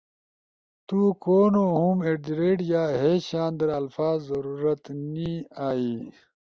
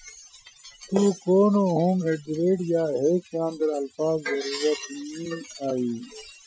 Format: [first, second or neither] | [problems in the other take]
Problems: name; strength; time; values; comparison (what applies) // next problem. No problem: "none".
first | noise reduction (classical method Wiener filter)